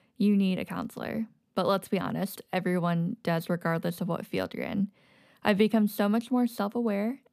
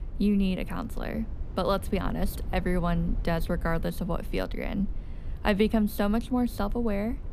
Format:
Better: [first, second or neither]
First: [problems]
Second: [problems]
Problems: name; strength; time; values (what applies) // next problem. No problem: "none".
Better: first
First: none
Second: low rumble; faint; throughout; 20 dB below the speech